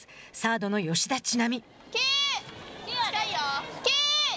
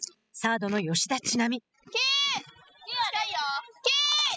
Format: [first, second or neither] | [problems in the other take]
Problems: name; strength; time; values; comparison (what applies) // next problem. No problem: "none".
first | noise reduction (classical method spectral subtraction)